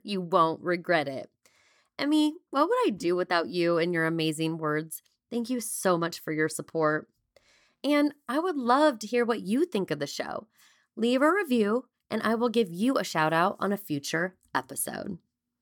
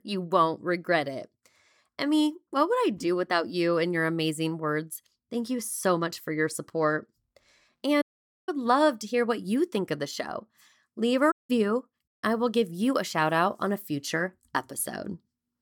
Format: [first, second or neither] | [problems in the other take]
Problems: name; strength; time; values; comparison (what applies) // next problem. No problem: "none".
first | audio cutting out; at 8 s, at 11 s and at 12 s